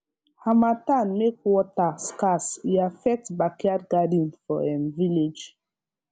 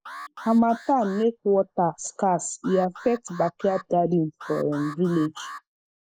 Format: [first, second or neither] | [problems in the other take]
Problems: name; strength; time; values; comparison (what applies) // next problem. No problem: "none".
first | noise reduction (neural mask model Resemble Enhance denoiser)